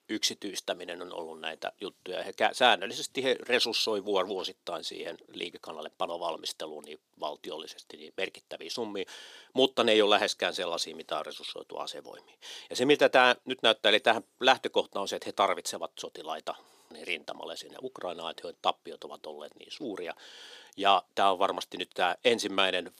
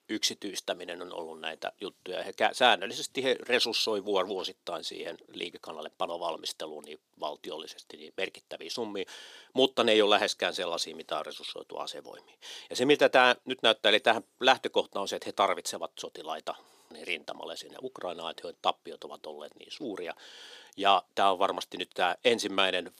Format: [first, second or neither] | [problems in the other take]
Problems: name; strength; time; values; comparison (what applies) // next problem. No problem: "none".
neither | thin; somewhat; fading below 300 Hz; the same in both